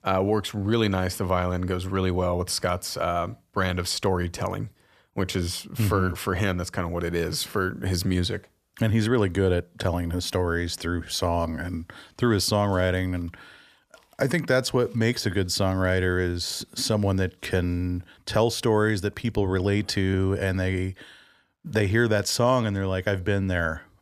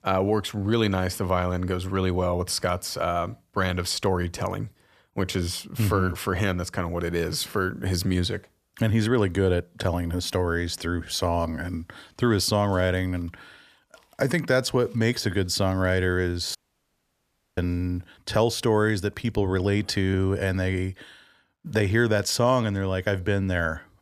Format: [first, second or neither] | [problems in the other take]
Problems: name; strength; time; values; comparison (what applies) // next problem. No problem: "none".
first | audio cutting out; at 17 s for 1 s